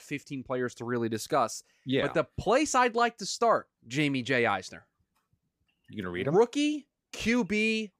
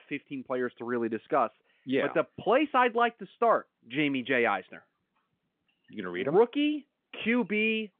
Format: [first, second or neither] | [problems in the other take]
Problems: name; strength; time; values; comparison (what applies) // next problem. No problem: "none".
first | phone-call audio; nothing above 3.5 kHz